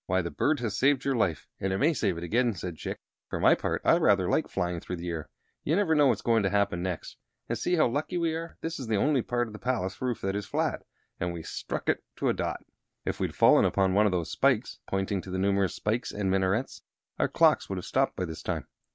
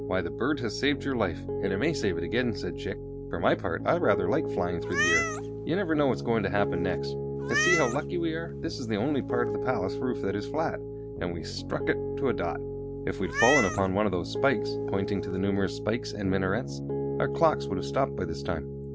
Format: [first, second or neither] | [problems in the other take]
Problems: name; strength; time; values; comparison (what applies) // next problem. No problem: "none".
first | background sound (Piano + Meow); 3 dB below the speech